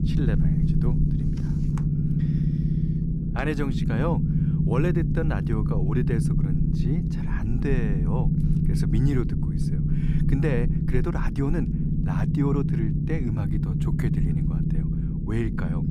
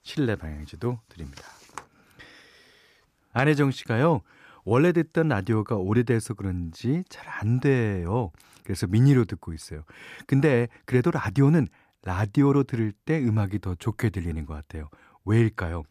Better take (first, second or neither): second